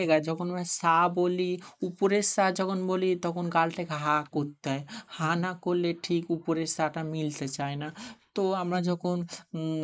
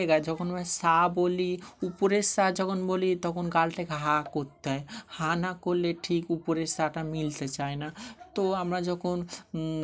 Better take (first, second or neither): second